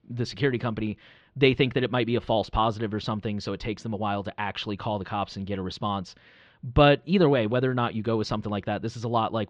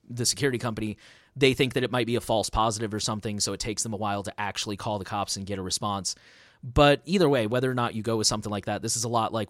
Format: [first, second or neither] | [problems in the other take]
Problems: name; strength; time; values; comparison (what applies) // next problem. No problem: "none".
second | muffled; slightly; fading above 3.5 kHz